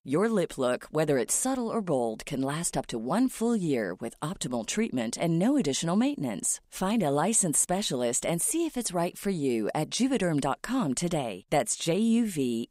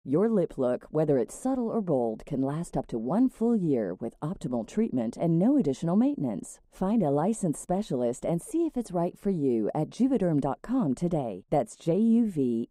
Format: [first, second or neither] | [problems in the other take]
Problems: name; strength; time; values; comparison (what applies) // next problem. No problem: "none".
first | muffled; very; fading above 1 kHz